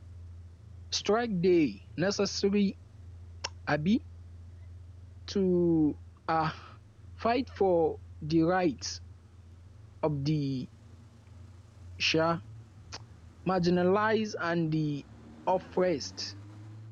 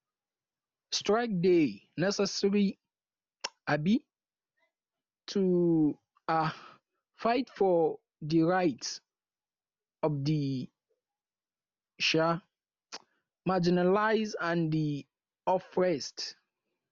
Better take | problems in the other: second | background sound (Idling / Engine starting / Accelerating, revving, vroom / Car); 17 dB below the speech

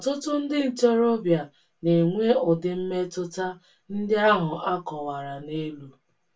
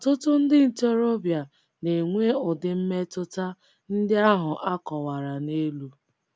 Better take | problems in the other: second | room echo; dies away in 0.2 s

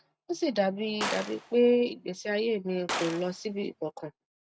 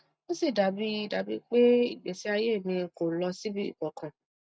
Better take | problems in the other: second | background sound (Gunshot, gunfire); 10 dB below the speech

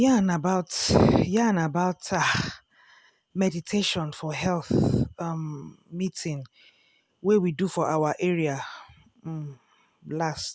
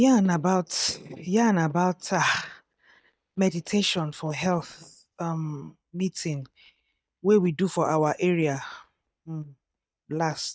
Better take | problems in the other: first | noise reduction (neural mask model DeepFilterNet 3)

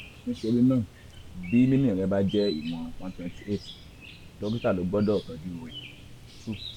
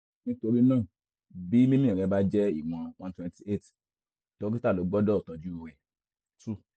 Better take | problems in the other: second | background sound (Chirp, tweet); 15 dB below the speech

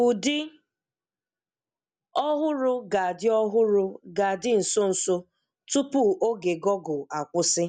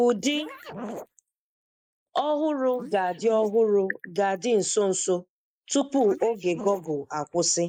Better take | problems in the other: first | noise reduction (neural mask model Resemble Enhance denoiser)

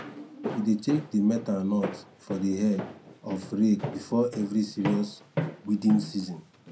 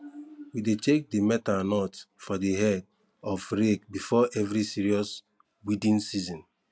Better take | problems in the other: second | background sound (Walk, footsteps); 10 dB below the speech // room echo; dies away in 0.2 s

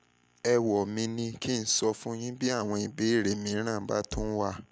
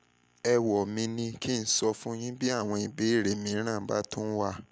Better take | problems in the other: second | background sound (Bass drum); 10 dB below the speech

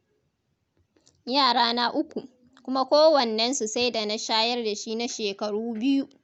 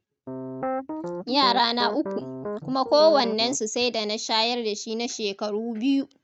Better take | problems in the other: first | noise reduction (neural mask model RNNoise)

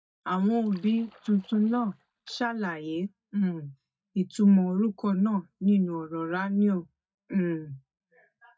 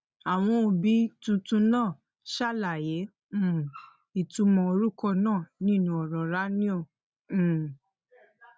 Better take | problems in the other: second | noise reduction (neural mask model DeepFilterNet 3)

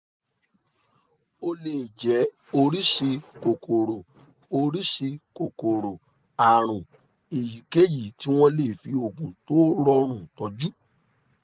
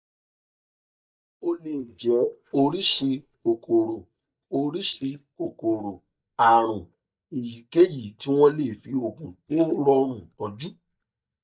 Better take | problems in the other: first | noise reduction (neural mask model DeepFilterNet 3)

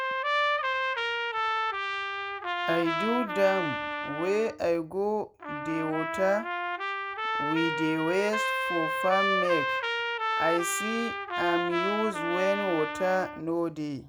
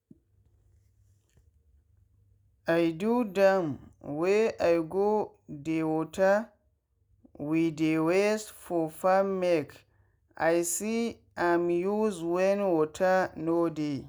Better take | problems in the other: second | background sound (Trumpet); as loud as the speech

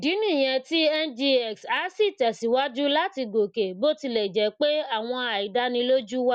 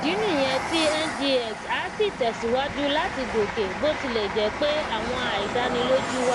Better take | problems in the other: first | background sound (Train); 4 dB below the speech

